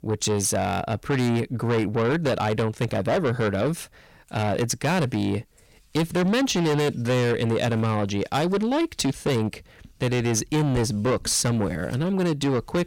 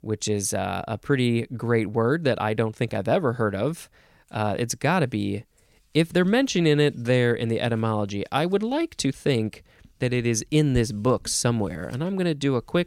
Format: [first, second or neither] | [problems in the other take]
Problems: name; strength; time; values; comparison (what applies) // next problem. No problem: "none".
second | distortion; heavy; 7 dB below the speech